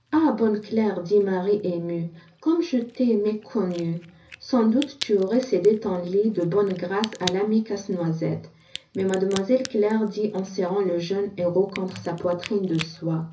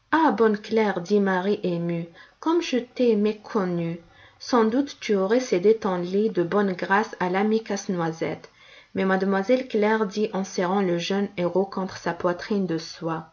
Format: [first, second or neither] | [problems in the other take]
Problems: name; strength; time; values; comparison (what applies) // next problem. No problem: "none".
second | background sound (Crack); 19 dB below the speech // room echo; dies away in 0.4 s